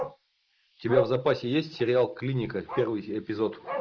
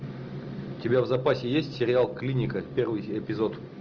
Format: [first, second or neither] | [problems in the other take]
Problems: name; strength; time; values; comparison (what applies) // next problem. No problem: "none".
second | noise reduction (neural mask model Resemble Enhance denoiser)